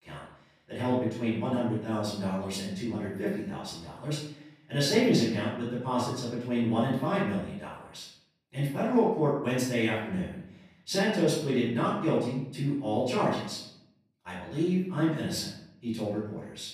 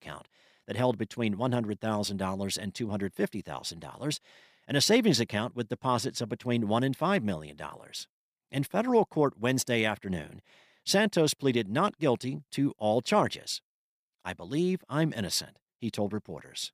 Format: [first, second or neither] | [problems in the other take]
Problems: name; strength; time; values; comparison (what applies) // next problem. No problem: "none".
second | off-mic speech; far // room echo; noticeable; dies away in 0.7 s